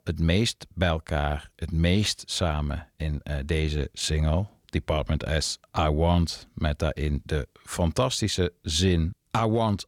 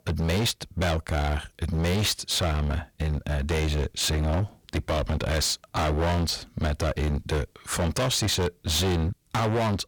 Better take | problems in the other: first | distortion; heavy; 28% of the sound clipped

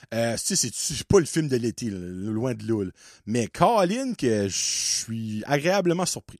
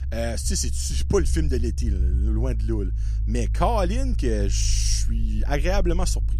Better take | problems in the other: first | low rumble; noticeable; throughout; 20 dB below the speech

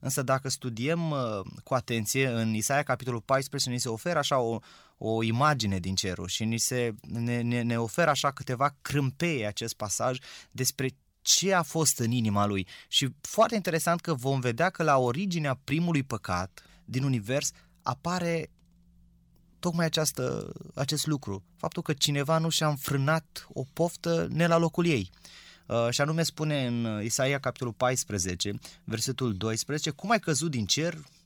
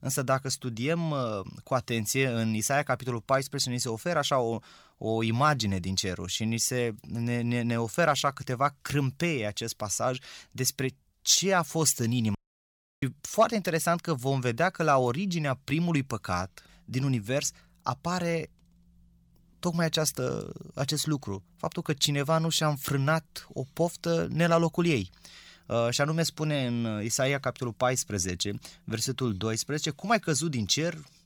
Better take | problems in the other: first | audio cutting out; at 12 s for 0.5 s

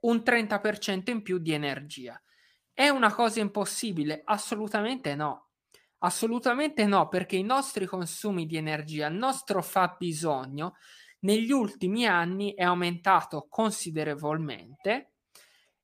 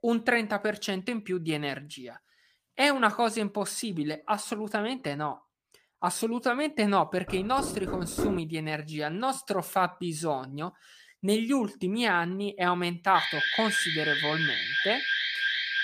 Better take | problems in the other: first | door banging; noticeable; from 7.5 to 8.5 s; peak 3 dB below the speech // alarm; loud; from 13 s on; peak 3 dB above the speech

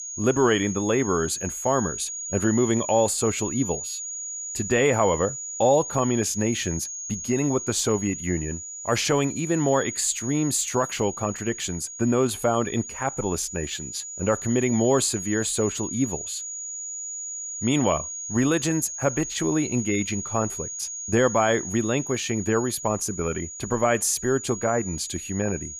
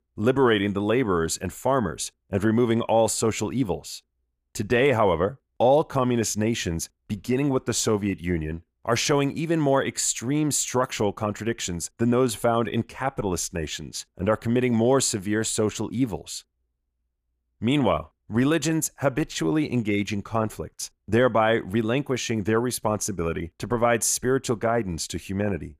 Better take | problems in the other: second | high-pitched whine; loud; throughout; 6.5 kHz, 7 dB below the speech

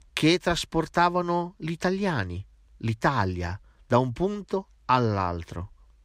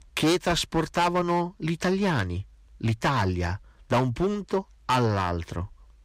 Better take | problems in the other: first | distortion; heavy; 7% of the sound clipped

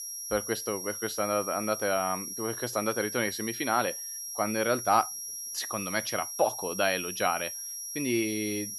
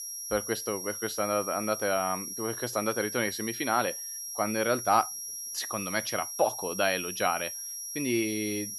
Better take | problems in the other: neither | high-pitched whine; loud; throughout; 5.5 kHz, 5 dB below the speech; the same in both

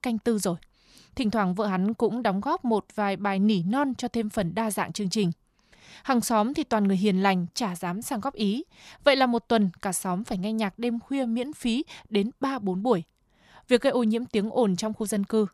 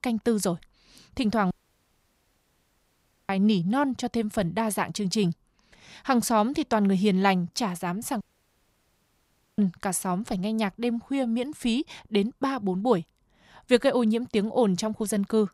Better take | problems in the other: first | audio cutting out; at 1.5 s for 2 s and at 8 s for 1.5 s

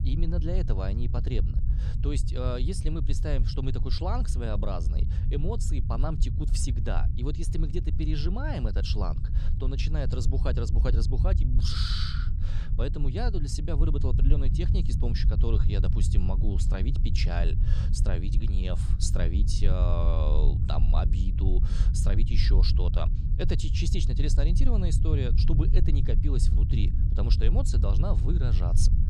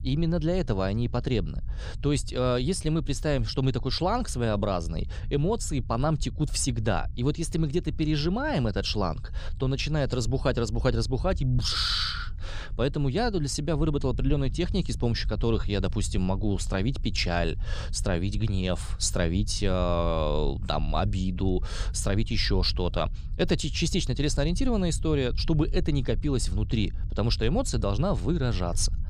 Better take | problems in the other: second | low rumble; loud; throughout; 7 dB below the speech; faint in the second

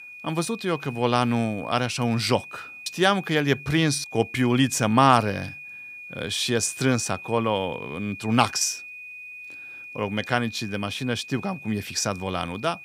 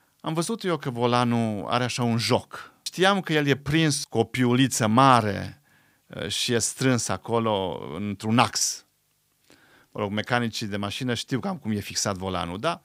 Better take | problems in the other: second | high-pitched whine; noticeable; throughout; 2.5 kHz, 15 dB below the speech

